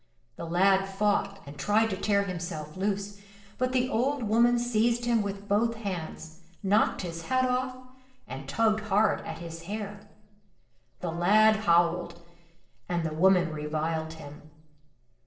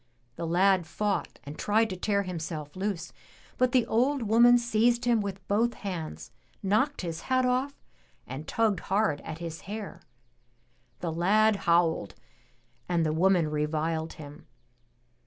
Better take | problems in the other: second | noise reduction (neural separator model SepFormer DNS4)

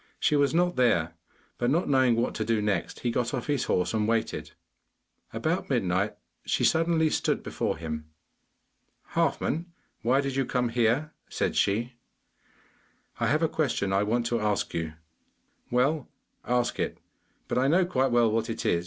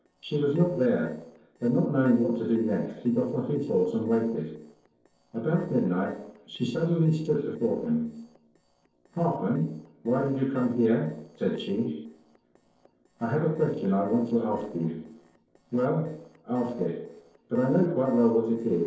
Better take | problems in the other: first | noise reduction (neural separator model SepFormer DNS4)

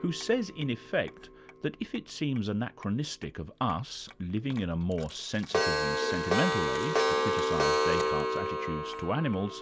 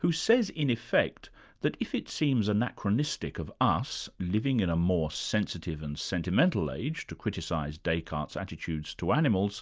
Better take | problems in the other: second | background sound (Clock); as loud as the speech

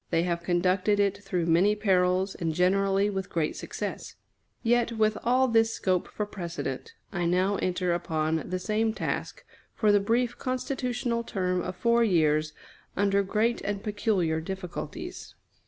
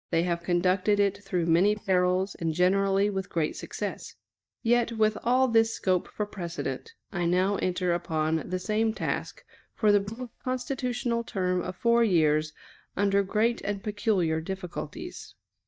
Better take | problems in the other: first | noise reduction (neural mask model DeepFilterNet 3)

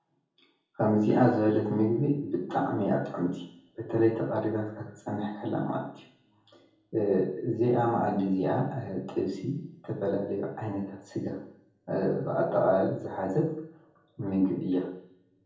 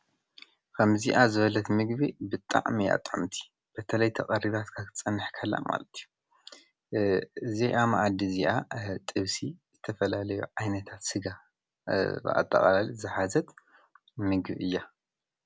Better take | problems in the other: second | room echo; dies away in 0.7 s

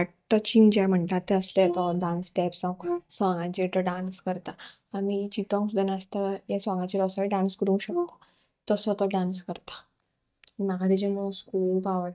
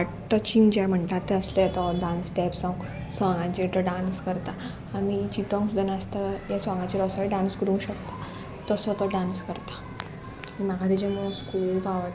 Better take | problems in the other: second | noise reduction (neural mask model DeepFilterNet 3)

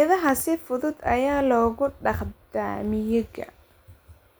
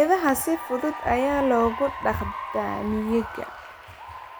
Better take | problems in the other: first | background sound (Applause / Cheering); 10 dB below the speech

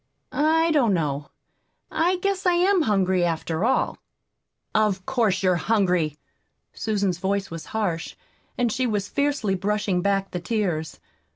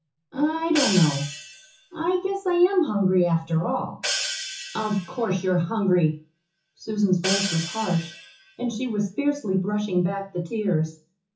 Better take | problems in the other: first | noise reduction (classical method WPE with log-MMSE)

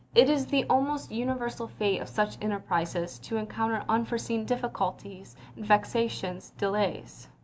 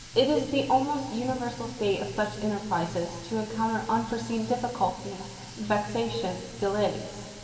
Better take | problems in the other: first | background sound (Water tap, faucet); 17 dB below the speech // room echo; dies away in 1.7 s

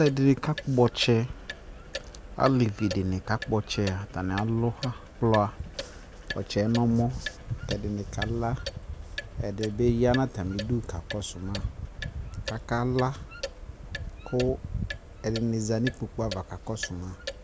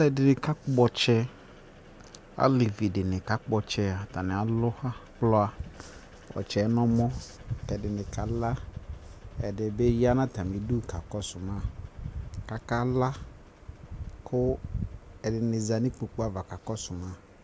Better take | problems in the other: second | background sound (Clock); 13 dB below the speech

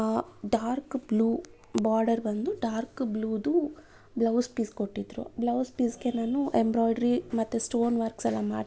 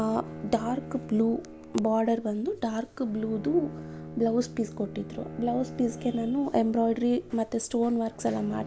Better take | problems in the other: first | background sound (Bowed string instrument); 14 dB below the speech

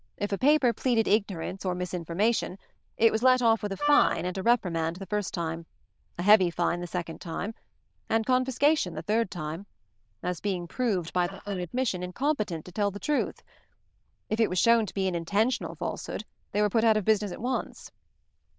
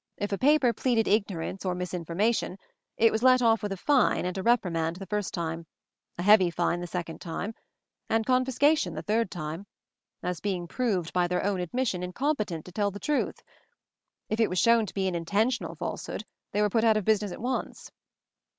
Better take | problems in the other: second | noise reduction (neural diffusion model UNIVERSE++)

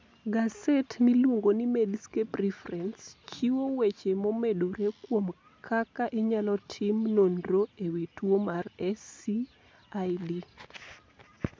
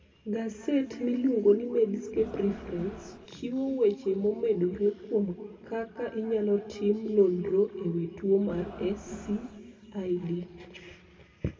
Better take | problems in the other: first | background sound (Crowd); 13 dB below the speech // room echo; dies away in 2.3 s

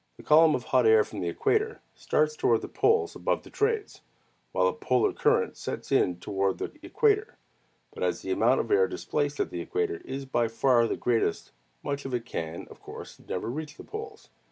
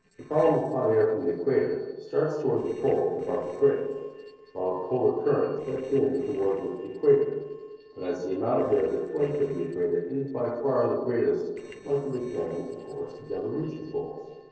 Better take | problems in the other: first | noise reduction (neural separator model SepFormer DNS4)

